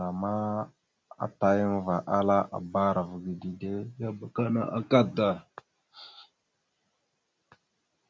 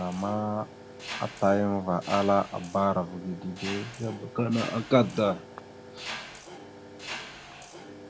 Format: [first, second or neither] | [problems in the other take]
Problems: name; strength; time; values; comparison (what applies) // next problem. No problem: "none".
first | background sound (Mechanisms); 13 dB below the speech